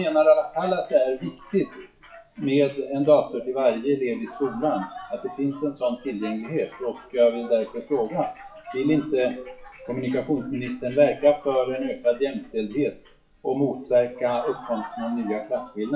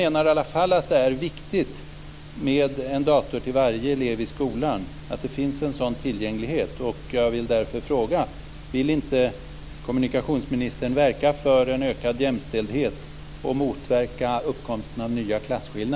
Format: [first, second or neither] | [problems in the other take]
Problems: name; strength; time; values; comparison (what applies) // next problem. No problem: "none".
second | noise reduction (classical method WPE with log-MMSE)